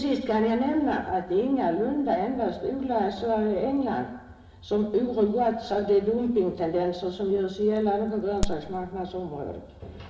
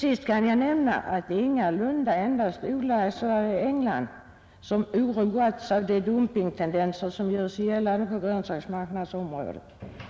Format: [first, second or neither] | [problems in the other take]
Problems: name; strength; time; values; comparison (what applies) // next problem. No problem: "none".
second | background sound (Crack); 7 dB below the speech // room echo; dies away in 0.7 s